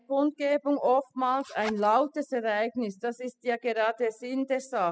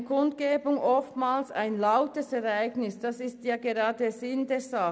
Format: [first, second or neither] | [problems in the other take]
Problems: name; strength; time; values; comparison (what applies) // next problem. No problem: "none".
second | noise reduction (classical method spectral subtraction)